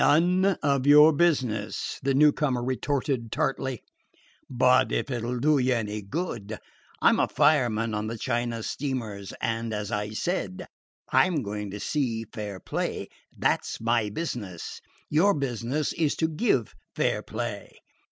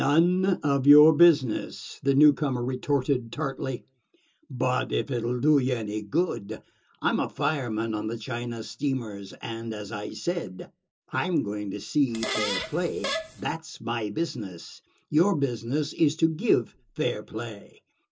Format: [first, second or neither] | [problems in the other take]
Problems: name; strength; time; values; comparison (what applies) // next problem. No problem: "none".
first | background sound (Fart); 6 dB below the speech // room echo; dies away in 0.2 s